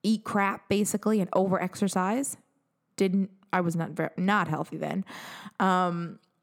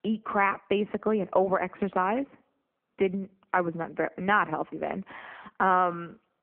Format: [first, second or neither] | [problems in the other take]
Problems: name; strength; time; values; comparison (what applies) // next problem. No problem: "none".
first | phone-call audio; poor line; nothing above 3 kHz